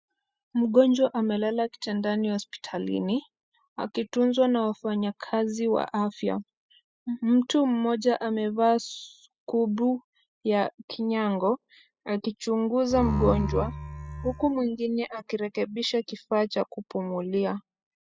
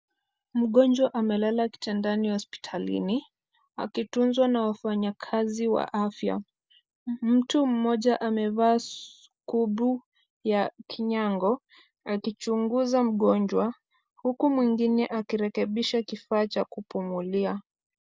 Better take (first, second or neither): second